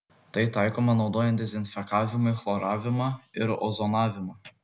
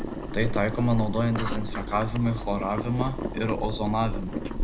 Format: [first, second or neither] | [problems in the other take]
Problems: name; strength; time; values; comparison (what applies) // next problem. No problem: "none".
first | background sound (Boiling); 3 dB below the speech